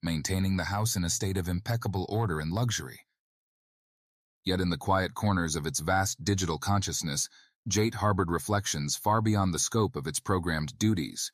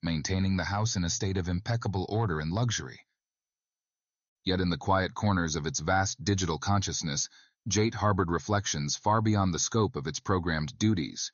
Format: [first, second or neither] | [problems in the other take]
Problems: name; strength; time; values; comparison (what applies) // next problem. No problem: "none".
first | garbled, watery; slightly; nothing above 6.5 kHz